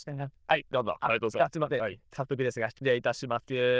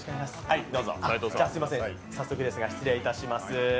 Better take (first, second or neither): second